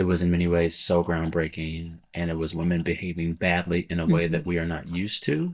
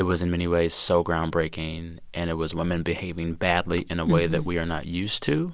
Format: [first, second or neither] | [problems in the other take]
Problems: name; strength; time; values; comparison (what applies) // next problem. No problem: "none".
second | noise reduction (neural mask model DeepFilterNet 3)